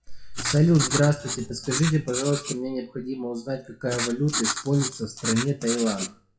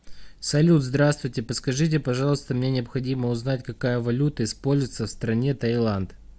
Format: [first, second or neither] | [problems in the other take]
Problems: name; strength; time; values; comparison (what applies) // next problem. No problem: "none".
second | noise reduction (classical method WPE with log-MMSE)